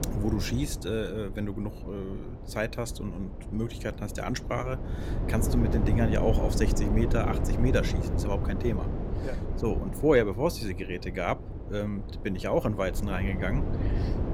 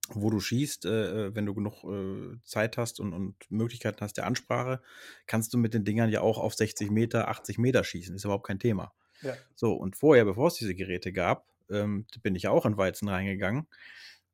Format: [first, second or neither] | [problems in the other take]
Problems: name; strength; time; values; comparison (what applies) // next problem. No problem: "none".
second | wind noise on the microphone; heavy; 8 dB below the speech